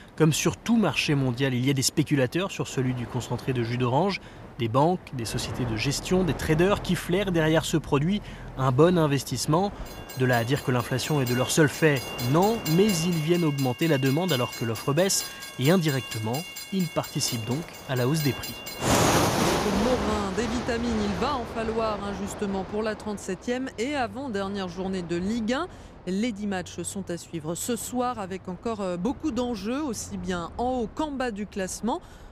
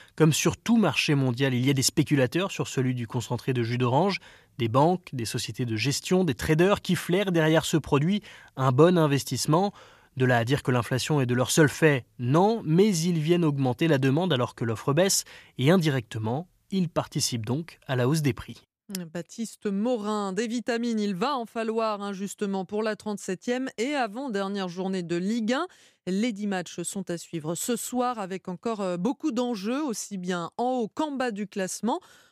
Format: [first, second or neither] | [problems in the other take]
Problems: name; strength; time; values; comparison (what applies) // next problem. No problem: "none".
second | train or aircraft noise; loud; throughout; 7 dB below the speech